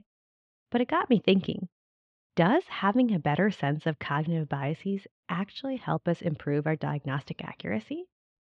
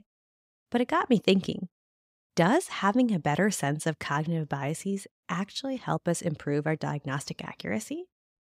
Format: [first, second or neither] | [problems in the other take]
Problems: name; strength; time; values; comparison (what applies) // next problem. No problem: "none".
second | muffled; slightly; fading above 3.5 kHz